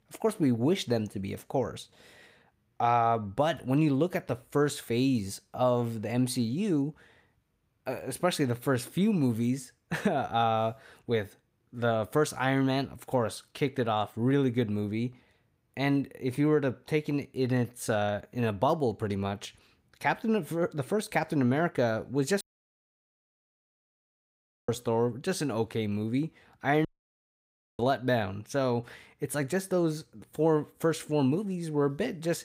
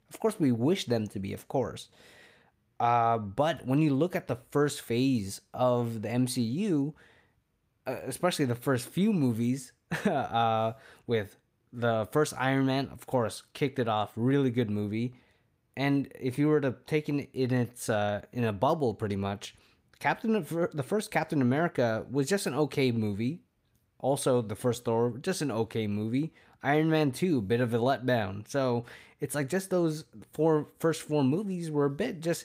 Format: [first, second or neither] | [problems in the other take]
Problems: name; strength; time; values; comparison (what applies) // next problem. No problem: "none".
second | audio cutting out; at 22 s for 2.5 s and at 27 s for 1 s